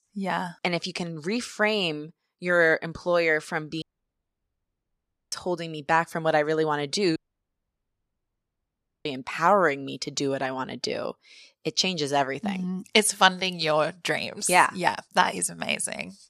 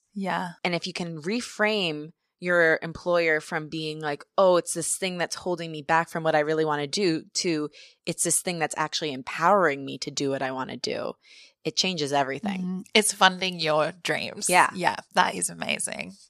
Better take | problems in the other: second | audio cutting out; at 4 s for 1.5 s and at 7 s for 2 s

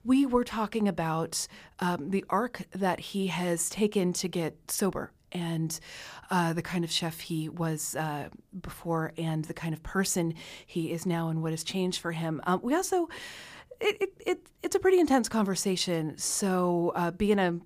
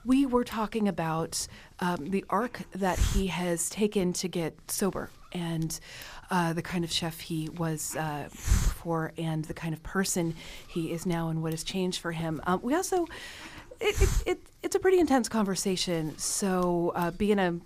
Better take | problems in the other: first | hiss; loud; throughout; 4 dB below the speech

